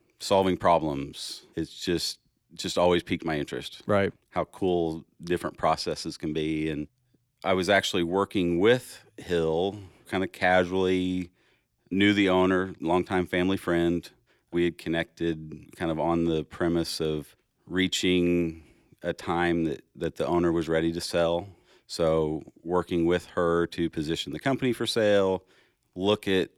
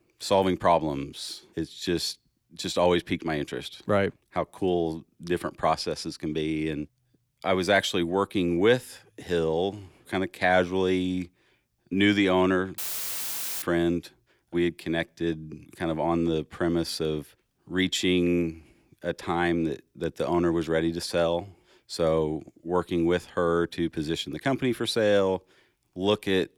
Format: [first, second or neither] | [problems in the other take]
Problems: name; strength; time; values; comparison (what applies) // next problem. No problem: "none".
first | audio cutting out; filled with static; at 13 s for 1 s